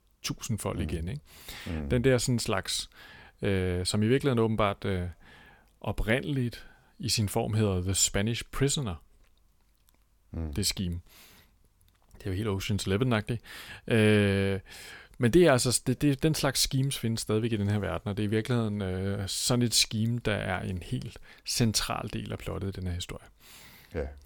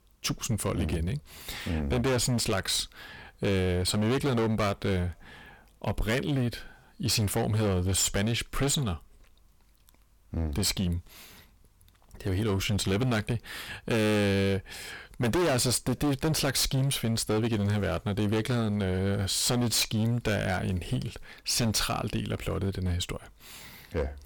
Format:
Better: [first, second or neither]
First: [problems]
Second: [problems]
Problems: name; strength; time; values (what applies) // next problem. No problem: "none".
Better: first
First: none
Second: distortion; heavy; 16% of the sound clipped